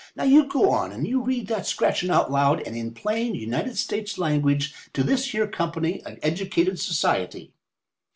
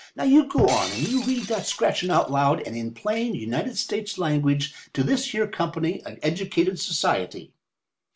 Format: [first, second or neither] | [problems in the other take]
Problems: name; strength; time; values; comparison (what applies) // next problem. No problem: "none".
first | background sound (Shatter); 11 dB below the speech